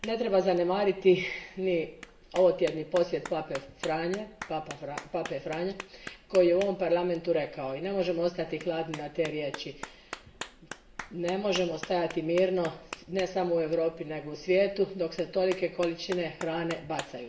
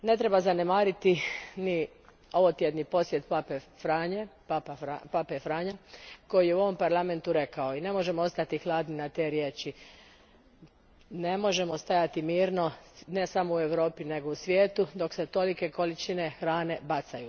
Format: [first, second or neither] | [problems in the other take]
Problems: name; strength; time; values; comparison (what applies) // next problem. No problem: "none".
second | background sound (Clapping); 17 dB below the speech // room echo; dies away in 0.5 s